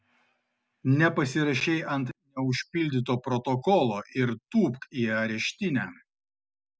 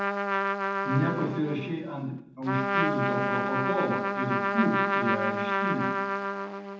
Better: first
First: none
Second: background sound (Trumpet); 2 dB above the speech // room echo; dies away in 0.8 s

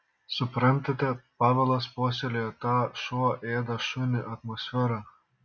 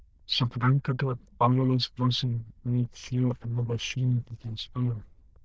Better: first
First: none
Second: noise reduction (neural diffusion model UNIVERSE++)

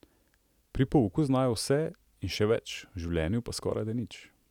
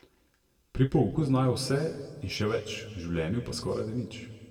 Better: first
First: none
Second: room echo; dies away in 1.6 s

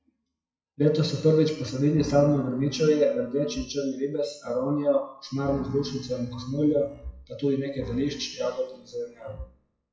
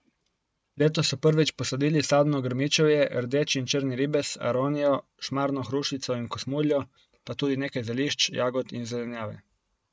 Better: second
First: noise reduction (classical method WPE with log-MMSE)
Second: none

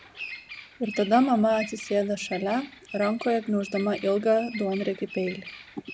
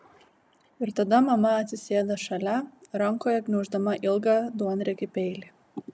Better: second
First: background sound (Bird vocalization, bird call, bird song); 15 dB below the speech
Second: none

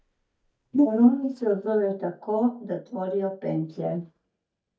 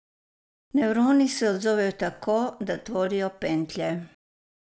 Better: second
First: noise reduction (neural mask model DeepFilterNet 3)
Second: none

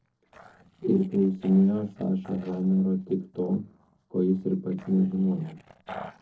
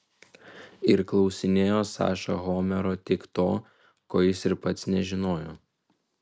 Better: second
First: noise reduction (neural separator model SepFormer DNS4)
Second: none

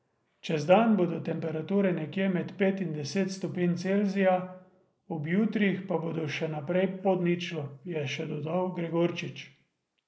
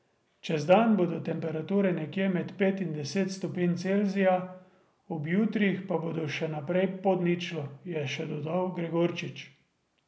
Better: second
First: noise reduction (neural mask model Resemble Enhance denoiser)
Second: none

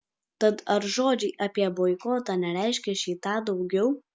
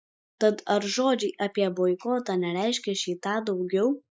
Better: first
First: none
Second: noise reduction (neural mask model Resemble Enhance denoiser)

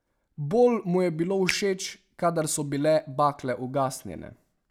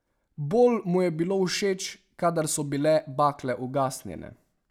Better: second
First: background sound (Finger snapping); 15 dB below the speech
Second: none

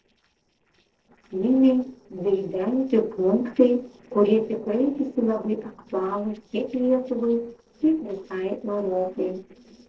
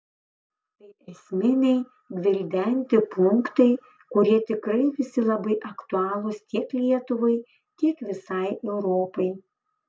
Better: second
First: noise reduction (neural separator model SepFormer DNS4)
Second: none

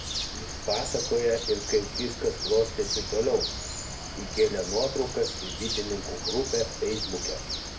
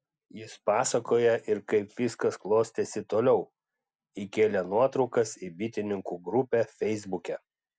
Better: second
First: background sound (Bird); 4 dB below the speech // room echo; dies away in 0.3 s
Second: none

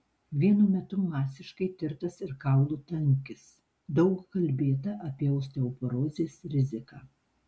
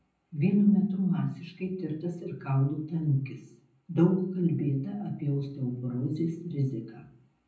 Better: first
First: none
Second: room echo; dies away in 0.6 s

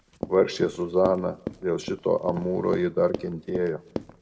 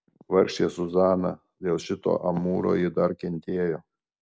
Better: second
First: background sound (Run); 11 dB below the speech // room echo; dies away in 0.8 s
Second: none

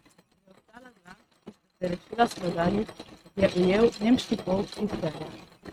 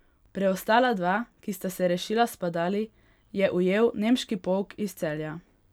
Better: second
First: noise reduction (neural mask model RNNoise)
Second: none

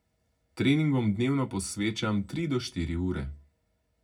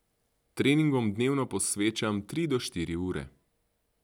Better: second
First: room echo; dies away in 0.4 s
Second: none

